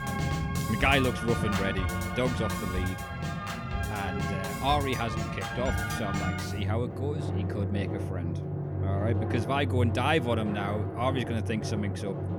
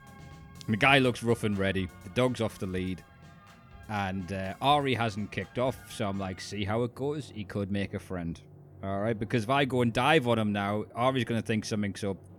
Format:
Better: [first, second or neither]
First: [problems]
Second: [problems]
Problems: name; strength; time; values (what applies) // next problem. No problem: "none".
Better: second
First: background music; loud; throughout; as loud as the speech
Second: background music; faint; throughout; 20 dB below the speech